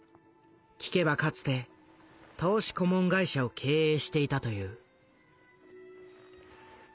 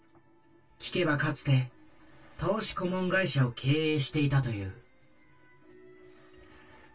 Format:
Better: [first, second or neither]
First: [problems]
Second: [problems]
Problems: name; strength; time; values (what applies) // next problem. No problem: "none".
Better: first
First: none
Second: room echo; dies away in 0.1 s